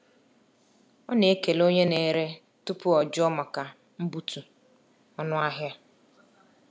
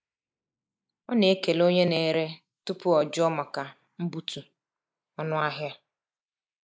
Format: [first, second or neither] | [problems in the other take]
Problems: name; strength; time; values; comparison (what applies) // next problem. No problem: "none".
first | noise reduction (neural mask model Resemble Enhance denoiser)